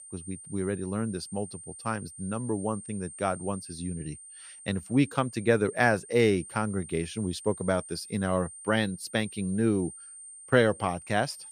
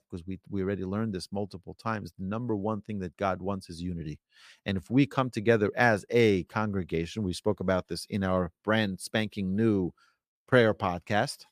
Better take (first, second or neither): second